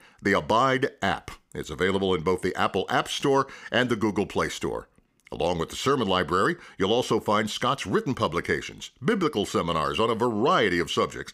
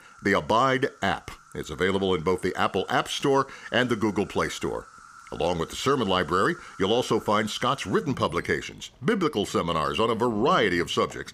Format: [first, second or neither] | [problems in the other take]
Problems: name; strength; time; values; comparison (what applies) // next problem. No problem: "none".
first | animal sounds; faint; throughout; 20 dB below the speech